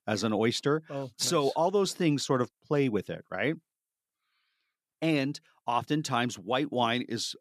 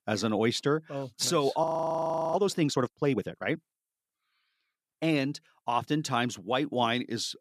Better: first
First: none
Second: audio freezing; at 1.5 s for 0.5 s

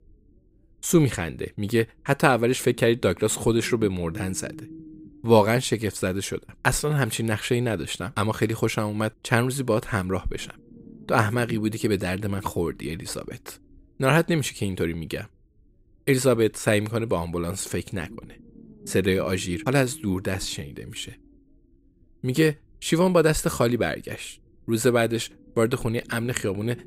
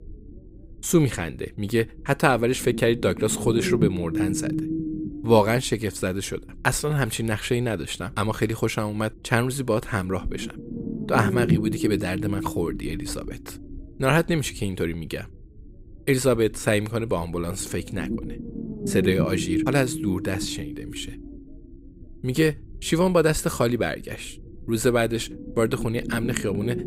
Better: first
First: low rumble; faint; throughout; 25 dB below the speech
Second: low rumble; loud; throughout; 9 dB below the speech

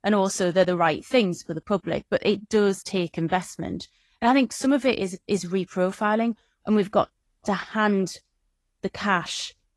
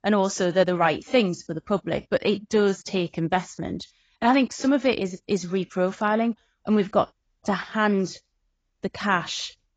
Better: first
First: garbled, watery; slightly; nothing above 11.5 kHz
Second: garbled, watery; badly; nothing above 7.5 kHz

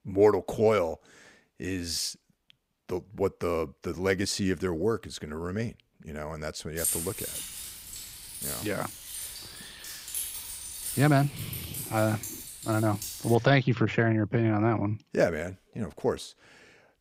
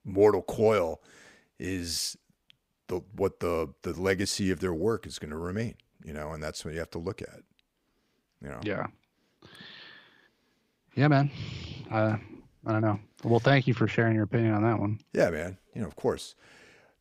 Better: second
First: jangling keys; loud; from 7 to 13 s; peak level with the speech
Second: none

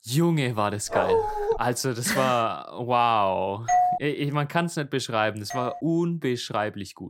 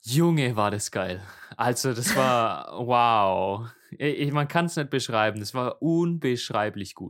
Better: second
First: dog barking; loud; at 1 s; peak 2 dB above the speech // doorbell; loud; at 3.5 s; peak 4 dB above the speech // doorbell; noticeable; at 5.5 s; peak 10 dB below the speech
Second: none

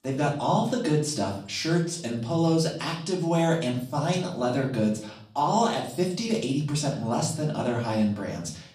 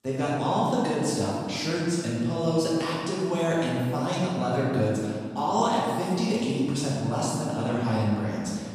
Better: first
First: room echo; slight; dies away in 0.5 s // off-mic speech; far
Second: room echo; strong; dies away in 1.9 s // off-mic speech; far

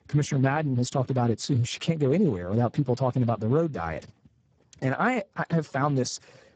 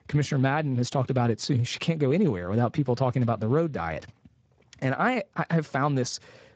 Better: second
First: garbled, watery; badly; nothing above 7.5 kHz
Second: garbled, watery; slightly; nothing above 7.5 kHz

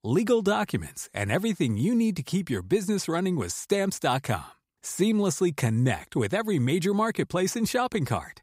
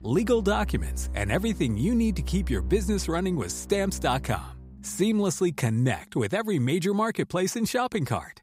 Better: first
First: none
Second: background music; loud; throughout; 10 dB below the speech

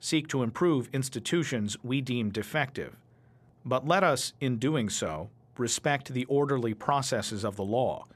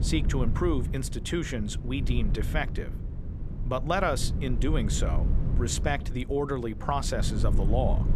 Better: first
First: none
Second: wind noise on the microphone; occasional gusts; 10 dB below the speech

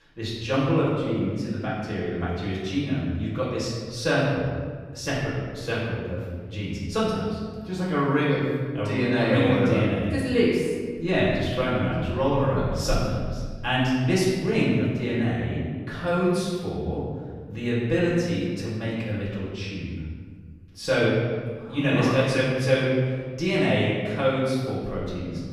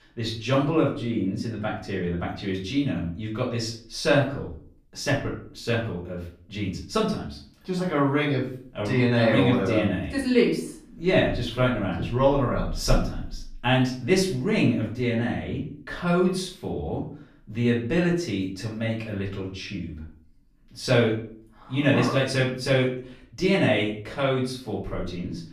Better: second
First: room echo; strong; dies away in 1.7 s // off-mic speech; far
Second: room echo; slight; dies away in 0.4 s // off-mic speech; far

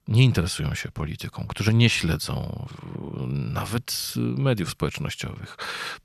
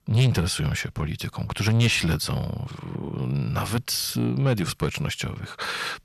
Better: first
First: none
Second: distortion; slight; 10 dB below the speech

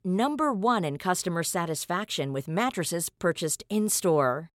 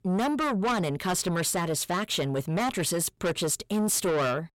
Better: first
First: none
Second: distortion; heavy; 7 dB below the speech

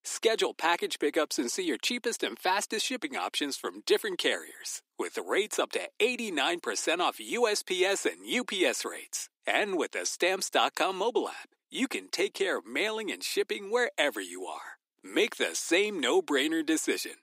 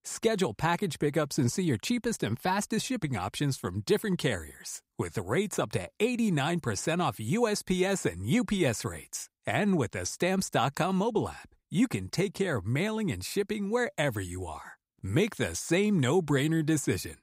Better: second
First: thin; somewhat; fading below 300 Hz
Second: none

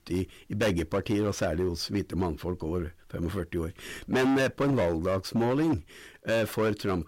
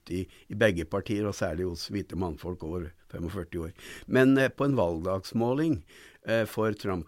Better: second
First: distortion; heavy; 11% of the sound clipped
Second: none

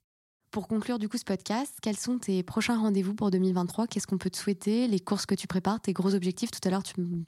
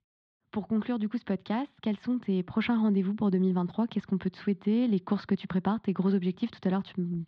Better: first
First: none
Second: muffled; very; fading above 3.5 kHz

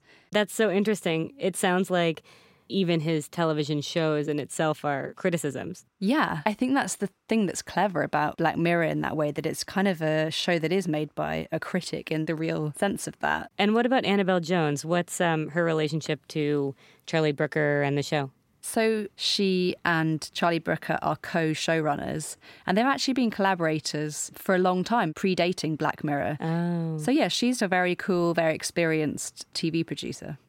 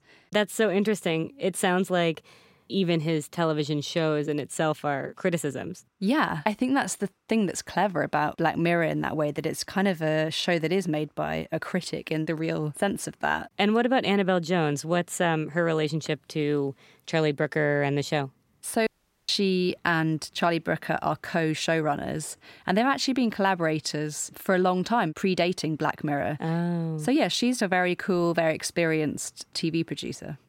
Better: first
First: none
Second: audio cutting out; at 19 s

